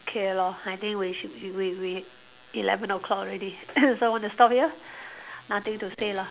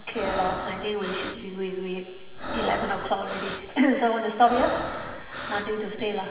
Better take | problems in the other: first | background sound (Breathing); 7 dB below the speech // room echo; dies away in 1.5 s

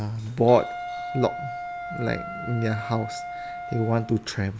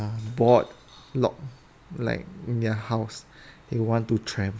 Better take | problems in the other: second | background sound (Wind instrument, woodwind instrument); 9 dB below the speech

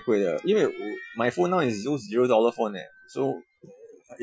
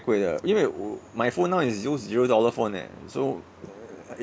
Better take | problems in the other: second | noise reduction (classical method Wiener filter)

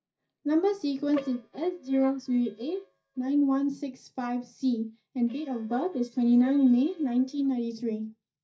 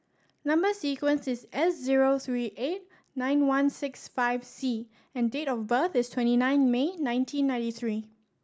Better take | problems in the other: second | noise reduction (neural mask model DeepFilterNet 3)

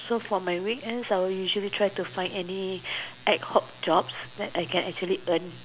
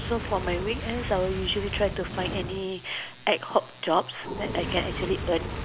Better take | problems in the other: first | background sound (Fire); 6 dB below the speech

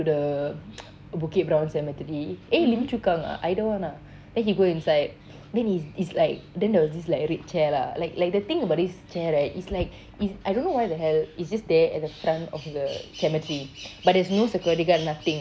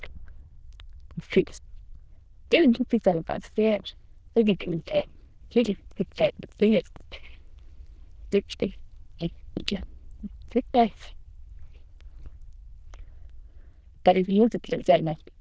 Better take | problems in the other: first | noise reduction (neural diffusion model UNIVERSE++)

